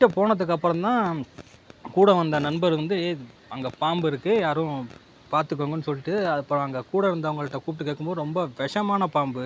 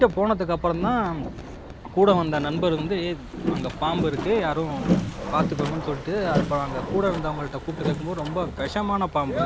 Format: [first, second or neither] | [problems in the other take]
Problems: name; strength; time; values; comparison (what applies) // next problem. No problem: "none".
first | background sound (Boat, Water vehicle); 5 dB below the speech